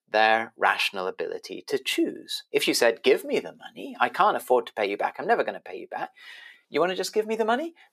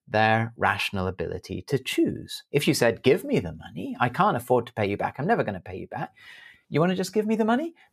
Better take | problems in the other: second | thin; somewhat; fading below 350 Hz

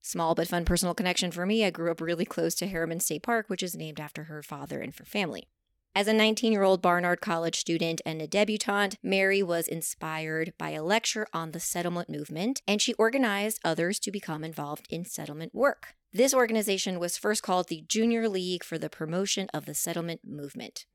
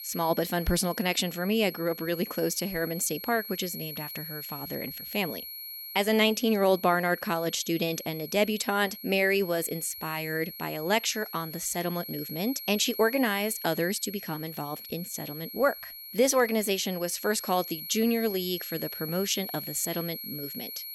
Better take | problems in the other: first | high-pitched whine; loud; throughout; 11.5 kHz, 10 dB below the speech

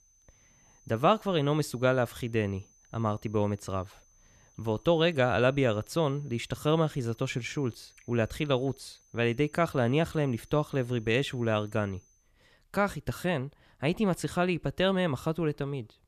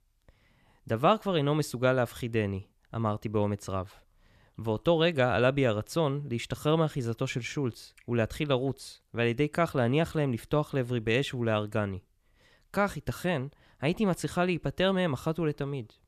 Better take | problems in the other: second | high-pitched whine; faint; until 12 s; 6 kHz, 30 dB below the speech

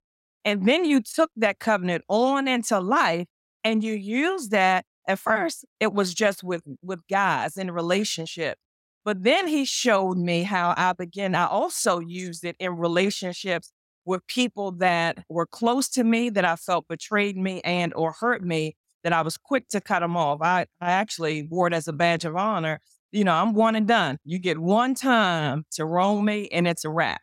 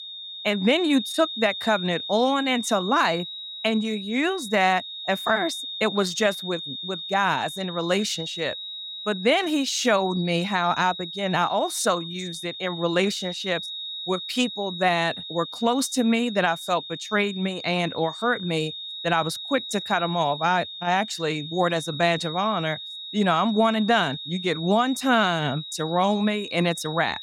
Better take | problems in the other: first | high-pitched whine; loud; throughout; 3.5 kHz, 9 dB below the speech

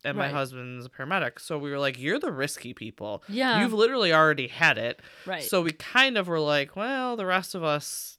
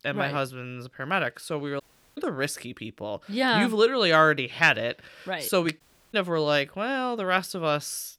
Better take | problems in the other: first | audio cutting out; at 2 s and at 6 s

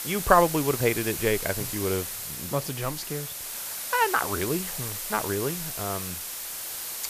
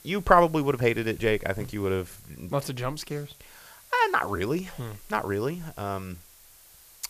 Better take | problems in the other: second | hiss; loud; throughout; 5 dB below the speech; faint in the second

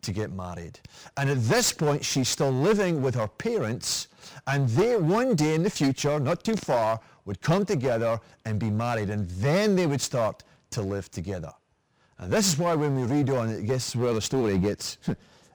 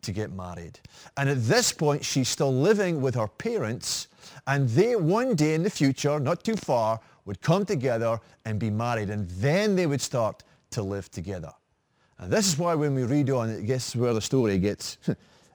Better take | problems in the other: second | distortion; slight; 6% of the sound clipped

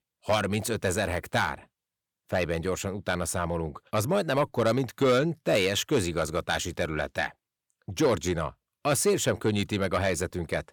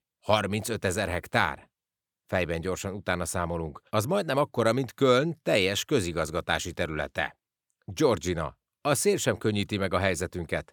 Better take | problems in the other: second | distortion; slight; 10 dB below the speech

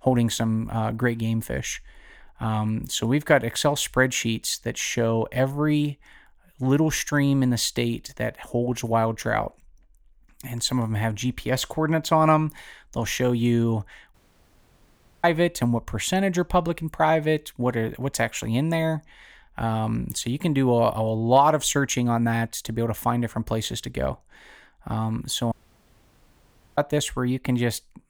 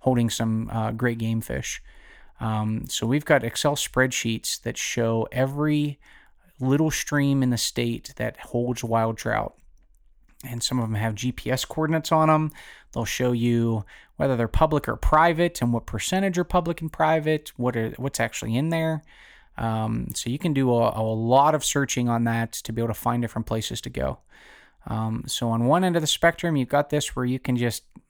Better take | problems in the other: second | audio cutting out; at 14 s for 1 s and at 26 s for 1.5 s

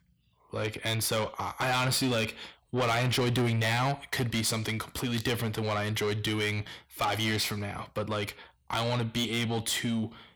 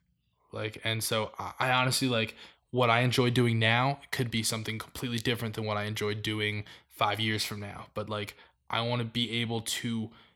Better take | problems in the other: second | distortion; heavy; 7 dB below the speech

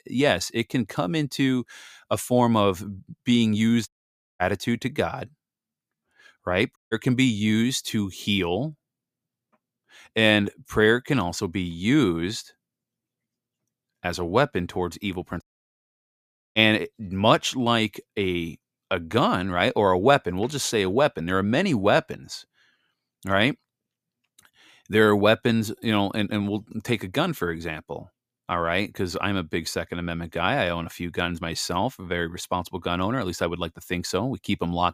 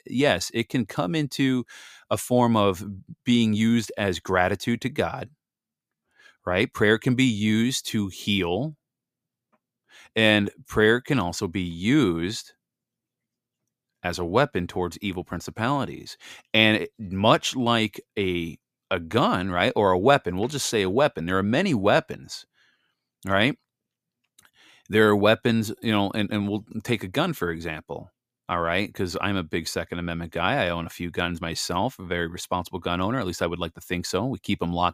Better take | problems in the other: second | audio cutting out; at 4 s for 0.5 s, at 7 s and at 15 s for 1 s

